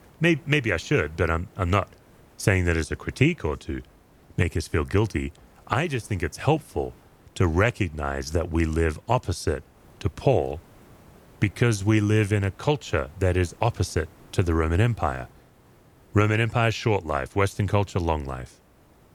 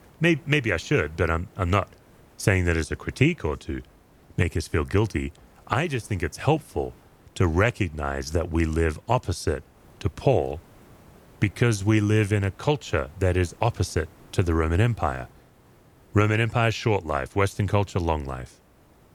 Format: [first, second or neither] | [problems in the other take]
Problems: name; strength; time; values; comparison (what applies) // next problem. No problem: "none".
neither | hiss; faint; throughout; 30 dB below the speech; the same in both